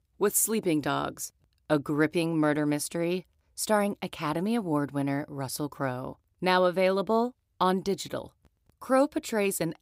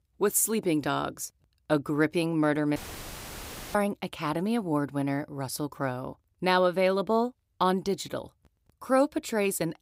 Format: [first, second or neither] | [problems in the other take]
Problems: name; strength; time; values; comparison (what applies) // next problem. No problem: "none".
first | audio cutting out; filled with static; at 3 s for 1 s